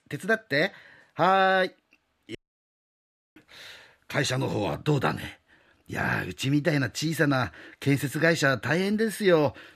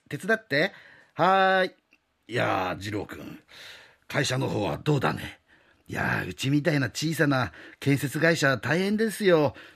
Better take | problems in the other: second | audio cutting out; at 2.5 s for 1 s

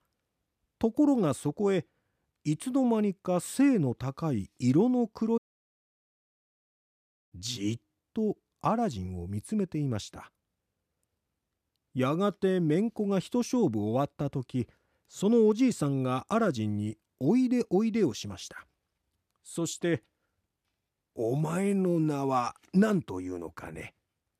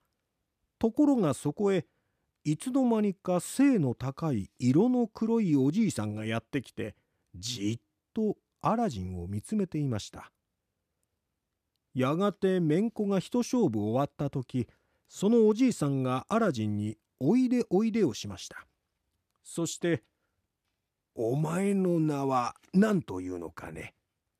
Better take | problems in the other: second | audio cutting out; at 5.5 s for 2 s

